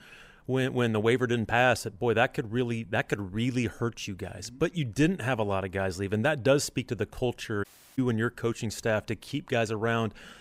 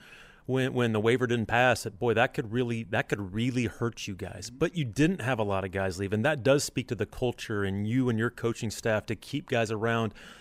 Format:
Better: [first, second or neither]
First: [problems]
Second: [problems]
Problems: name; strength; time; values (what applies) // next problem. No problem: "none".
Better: second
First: audio cutting out; at 7.5 s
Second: none